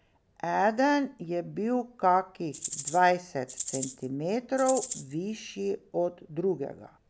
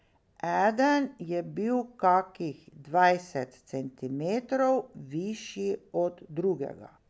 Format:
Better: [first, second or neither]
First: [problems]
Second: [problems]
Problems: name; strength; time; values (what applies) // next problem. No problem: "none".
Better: second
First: background sound (Rattle (instrument)); 9 dB below the speech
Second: none